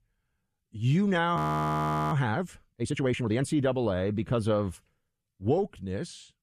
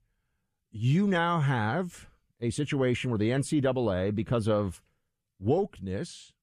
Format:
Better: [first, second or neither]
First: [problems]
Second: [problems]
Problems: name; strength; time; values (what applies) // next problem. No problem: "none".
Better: second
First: audio freezing; at 1.5 s for 1 s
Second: none